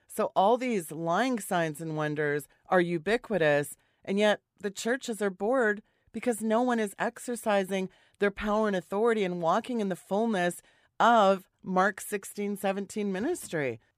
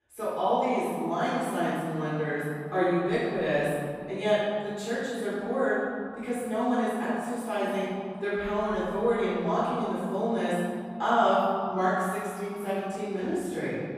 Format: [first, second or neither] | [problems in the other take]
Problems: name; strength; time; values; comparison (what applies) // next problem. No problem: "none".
first | off-mic speech; far // room echo; strong; dies away in 2.7 s